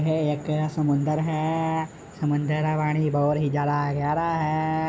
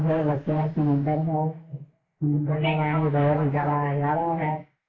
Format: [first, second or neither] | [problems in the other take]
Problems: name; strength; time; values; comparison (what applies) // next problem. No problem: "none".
first | noise reduction (neural mask model Resemble Enhance denoiser)